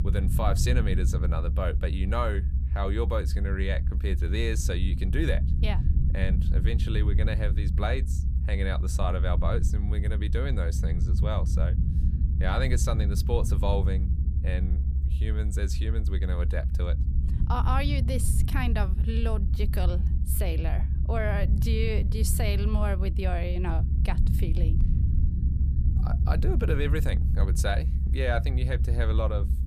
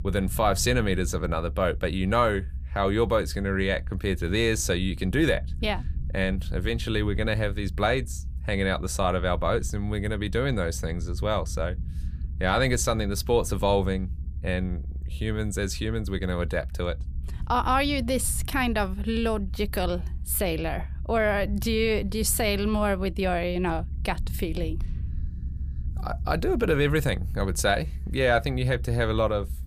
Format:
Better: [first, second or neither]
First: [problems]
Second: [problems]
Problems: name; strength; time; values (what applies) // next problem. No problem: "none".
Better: second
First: low rumble; loud; throughout; 9 dB below the speech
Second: low rumble; faint; throughout; 25 dB below the speech